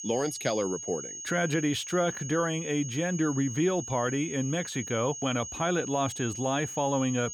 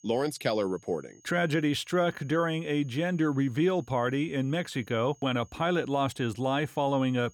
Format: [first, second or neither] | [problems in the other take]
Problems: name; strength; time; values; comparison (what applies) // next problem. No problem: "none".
second | high-pitched whine; loud; throughout; 6.5 kHz, 8 dB below the speech; faint in the second